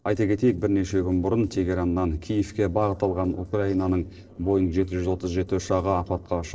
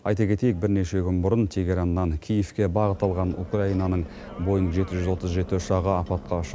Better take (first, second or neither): second